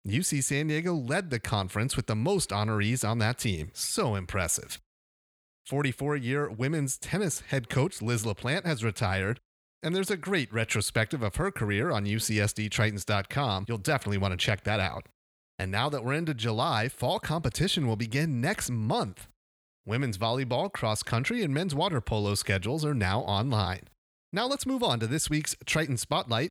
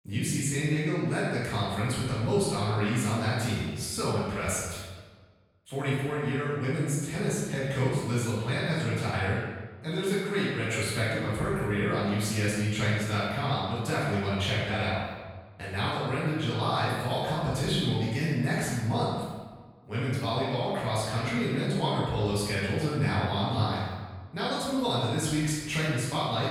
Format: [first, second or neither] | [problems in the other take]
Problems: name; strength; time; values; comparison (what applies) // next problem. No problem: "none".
first | room echo; strong; dies away in 1.2 s // off-mic speech; far